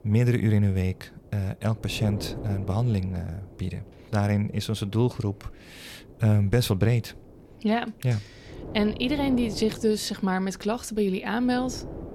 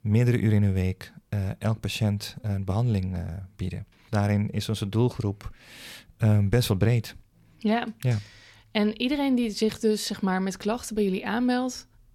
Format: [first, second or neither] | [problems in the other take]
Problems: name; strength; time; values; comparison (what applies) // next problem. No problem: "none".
second | wind noise on the microphone; occasional gusts; 15 dB below the speech